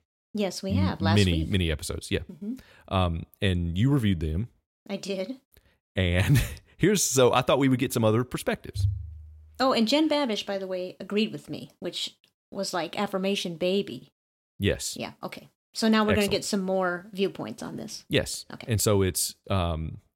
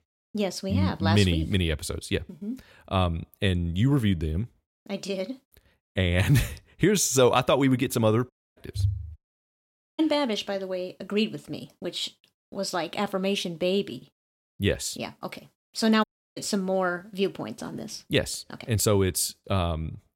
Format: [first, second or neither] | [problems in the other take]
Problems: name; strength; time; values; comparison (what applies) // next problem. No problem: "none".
first | audio cutting out; at 8.5 s, at 9 s for 1 s and at 16 s